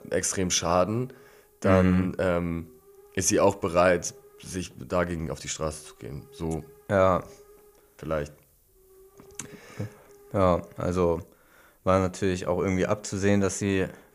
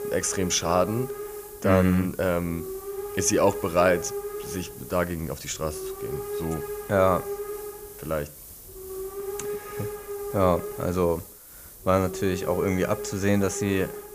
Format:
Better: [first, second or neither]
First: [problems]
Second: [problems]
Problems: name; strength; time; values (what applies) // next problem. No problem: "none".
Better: first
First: hiss; faint; throughout; 30 dB below the speech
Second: hiss; loud; throughout; 10 dB below the speech